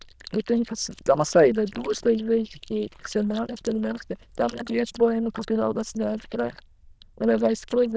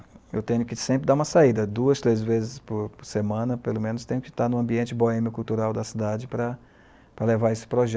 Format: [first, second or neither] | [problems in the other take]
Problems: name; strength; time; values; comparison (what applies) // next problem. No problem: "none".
second | noise reduction (neural diffusion model UNIVERSE++)